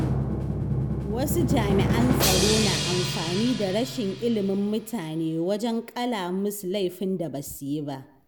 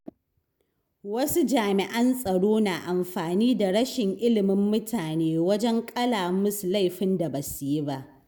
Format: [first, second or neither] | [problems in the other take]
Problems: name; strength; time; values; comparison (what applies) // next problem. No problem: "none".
second | background sound (Drum); 1 dB below the speech